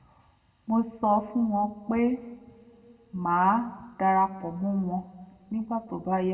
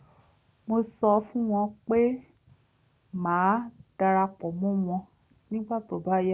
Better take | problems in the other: second | room echo; dies away in 1.1 s

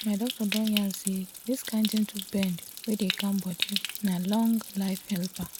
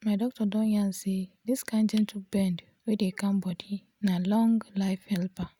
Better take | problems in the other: second | background sound (Stream); 8 dB below the speech

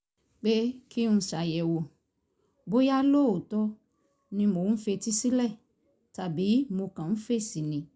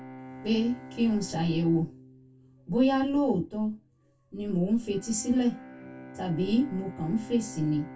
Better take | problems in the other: first | background sound (Bowed string instrument); 17 dB below the speech // room echo; dies away in 0.1 s

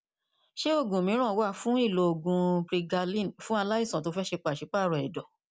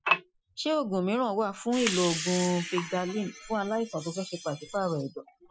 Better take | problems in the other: first | noise reduction (classical method Wiener filter)

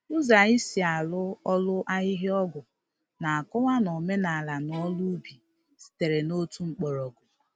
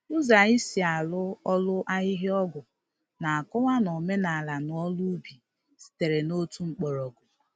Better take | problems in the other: second | background sound (Bowed string instrument); 18 dB below the speech

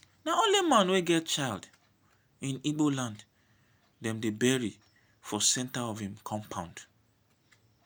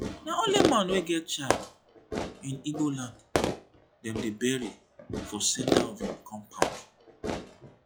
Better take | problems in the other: first | noise reduction (classical method log-MMSE)

